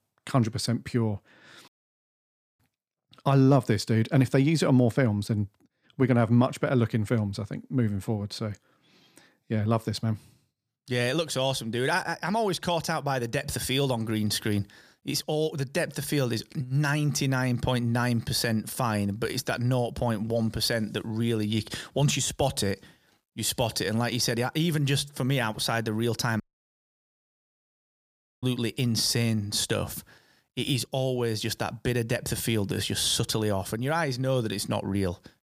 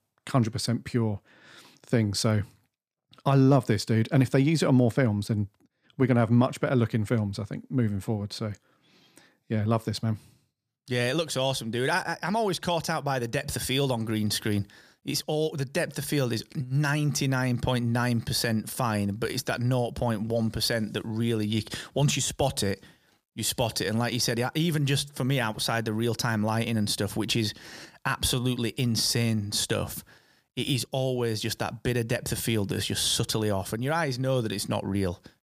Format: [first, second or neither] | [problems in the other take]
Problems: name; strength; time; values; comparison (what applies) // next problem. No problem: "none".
second | audio cutting out; at 1.5 s for 1 s and at 26 s for 2 s